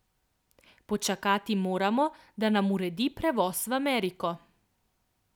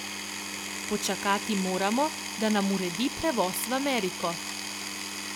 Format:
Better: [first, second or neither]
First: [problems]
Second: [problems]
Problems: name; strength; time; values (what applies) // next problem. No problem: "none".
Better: first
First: none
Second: background sound (Power tool); 5 dB below the speech